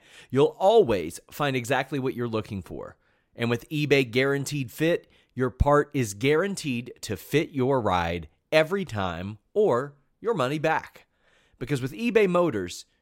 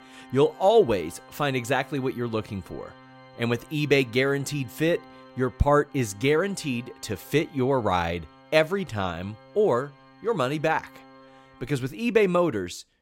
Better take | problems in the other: first | background music; faint; throughout; 25 dB below the speech

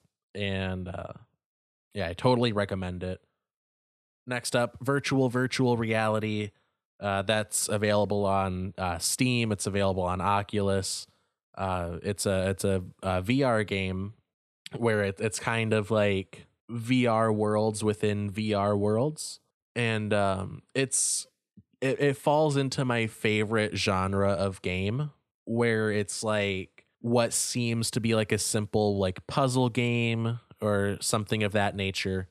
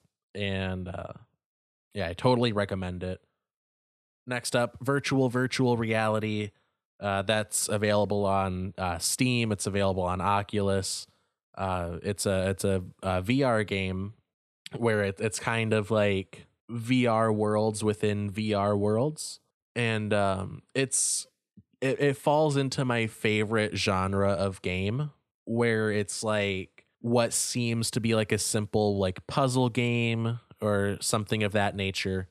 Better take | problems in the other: neither | none

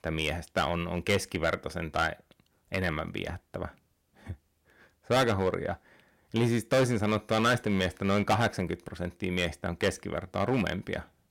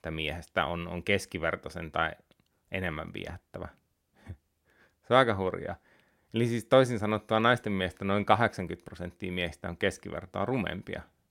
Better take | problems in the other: second | distortion; heavy; 4% of the sound clipped

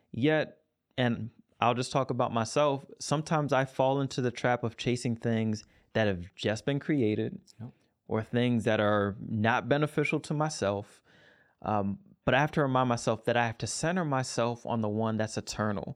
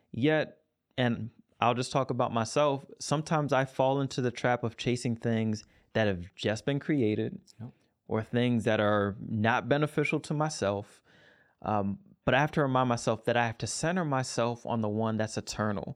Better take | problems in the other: neither | none

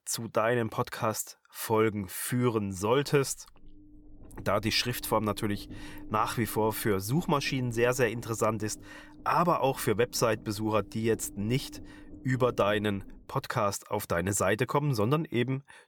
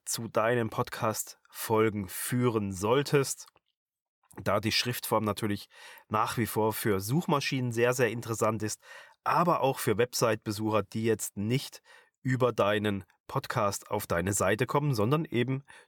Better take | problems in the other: second | low rumble; faint; from 3 to 13 s; 25 dB below the speech

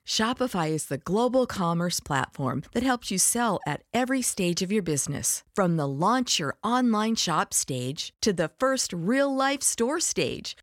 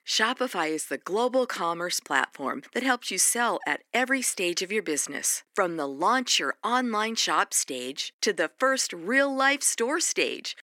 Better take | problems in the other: first | thin; somewhat; fading below 300 Hz

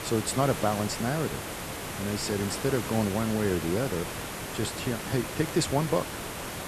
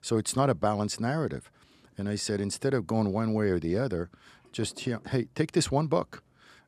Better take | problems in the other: second | hiss; loud; throughout; 5 dB below the speech

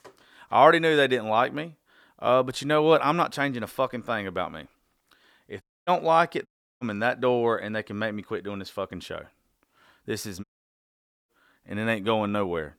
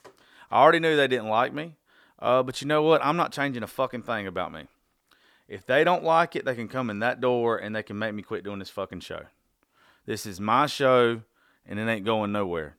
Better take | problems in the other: second | audio cutting out; at 5.5 s, at 6.5 s and at 10 s for 1 s

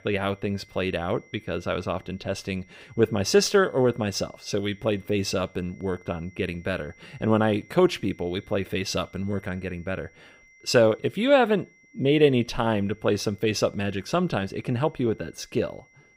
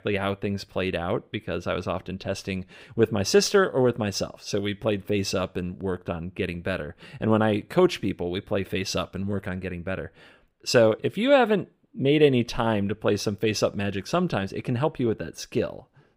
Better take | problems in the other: second | high-pitched whine; faint; throughout; 2 kHz, 30 dB below the speech

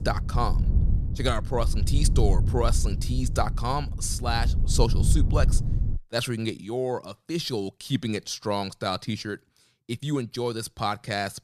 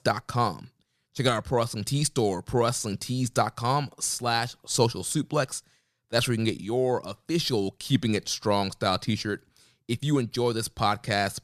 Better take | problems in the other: second | wind noise on the microphone; occasional gusts; until 6 s; 10 dB below the speech

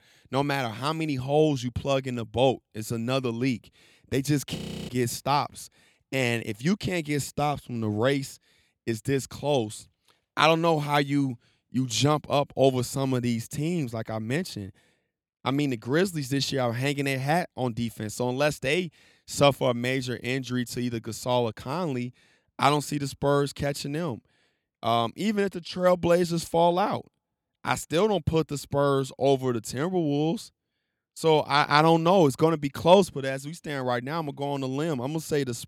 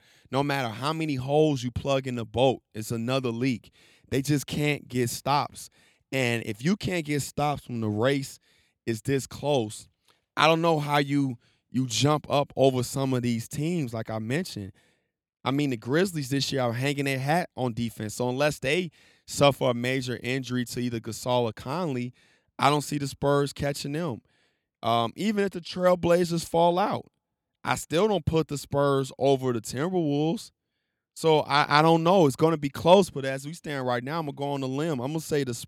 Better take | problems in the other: second | audio freezing; at 4.5 s

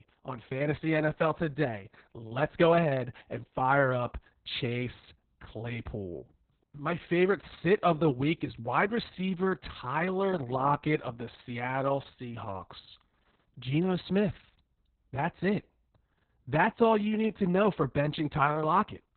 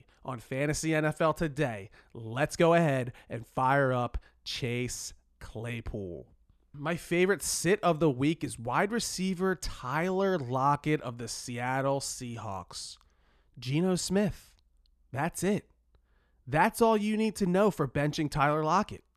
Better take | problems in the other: second | garbled, watery; badly; nothing above 4 kHz

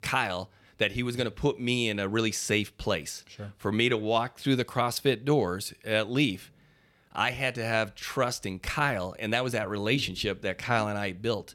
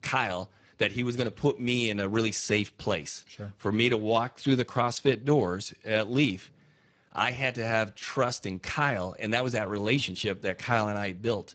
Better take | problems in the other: first | garbled, watery; badly; nothing above 8 kHz

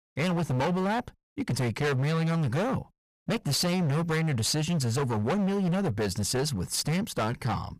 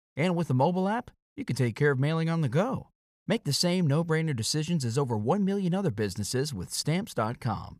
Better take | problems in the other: second | distortion; heavy; 29% of the sound clipped

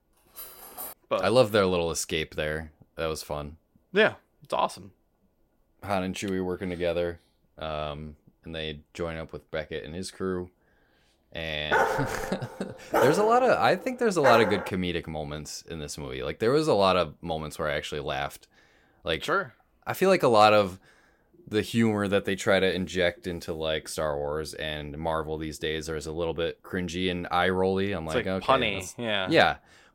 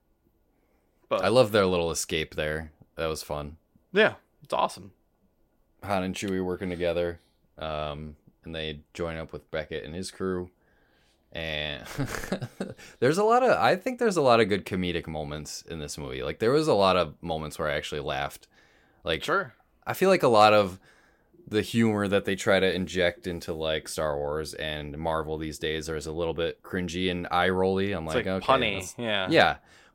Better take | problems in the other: second | clattering dishes; faint; at 0.5 s; peak 10 dB below the speech // dog barking; loud; from 12 to 15 s; peak 2 dB above the speech

